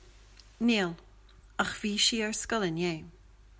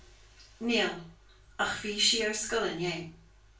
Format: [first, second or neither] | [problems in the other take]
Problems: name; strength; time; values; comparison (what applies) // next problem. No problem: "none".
first | room echo; dies away in 0.3 s